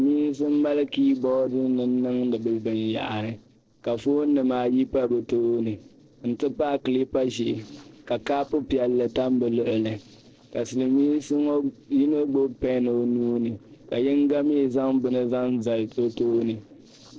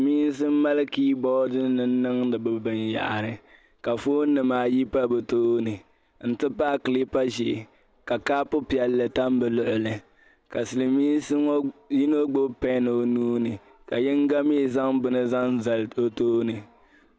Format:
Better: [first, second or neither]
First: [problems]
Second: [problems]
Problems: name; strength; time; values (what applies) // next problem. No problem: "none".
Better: second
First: noise reduction (neural separator model SepFormer DNS4)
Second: none